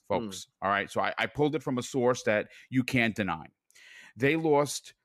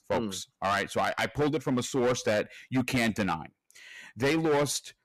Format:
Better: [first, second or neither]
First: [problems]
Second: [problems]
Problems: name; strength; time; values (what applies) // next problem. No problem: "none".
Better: first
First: none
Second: distortion; heavy; 11% of the sound clipped